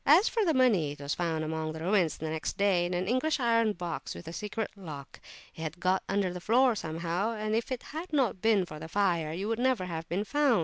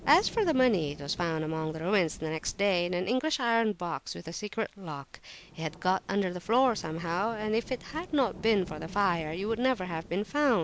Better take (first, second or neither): first